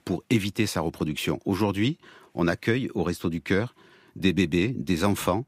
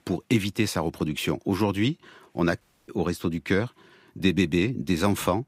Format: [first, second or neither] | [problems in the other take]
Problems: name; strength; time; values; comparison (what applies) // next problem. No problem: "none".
first | audio cutting out; at 2.5 s